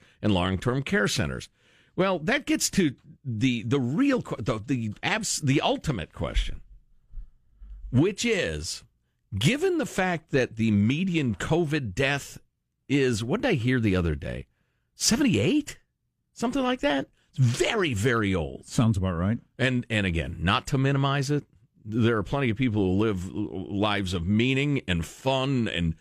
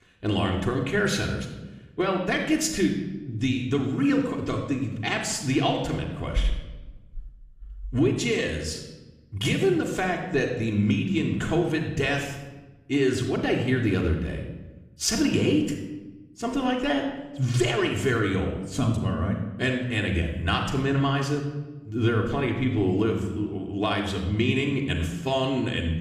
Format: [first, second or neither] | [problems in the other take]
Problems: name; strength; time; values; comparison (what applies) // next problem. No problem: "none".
first | room echo; slight; dies away in 0.9 s // off-mic speech; somewhat distant